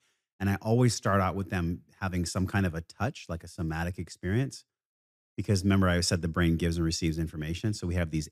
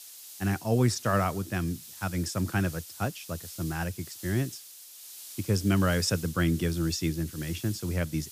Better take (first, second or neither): first